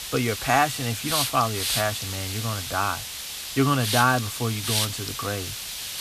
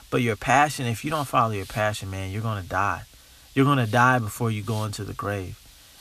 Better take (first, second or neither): second